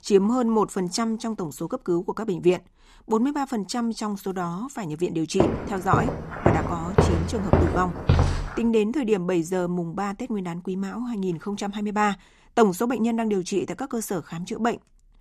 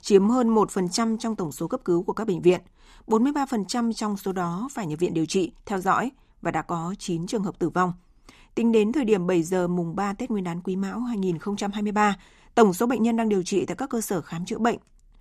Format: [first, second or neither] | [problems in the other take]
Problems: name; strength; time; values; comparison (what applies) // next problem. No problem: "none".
second | footsteps; loud; from 5.5 to 8.5 s; peak 4 dB above the speech